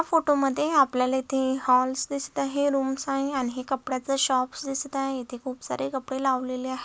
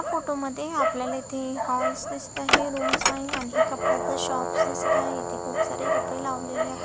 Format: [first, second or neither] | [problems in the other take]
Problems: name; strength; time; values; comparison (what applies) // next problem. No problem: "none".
first | background sound (Dog); 5 dB above the speech